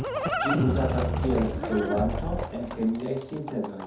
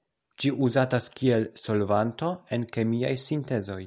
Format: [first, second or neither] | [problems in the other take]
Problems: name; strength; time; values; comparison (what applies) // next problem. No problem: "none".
second | background sound (Livestock, farm animals, working animals); as loud as the speech // room echo; dies away in 0.6 s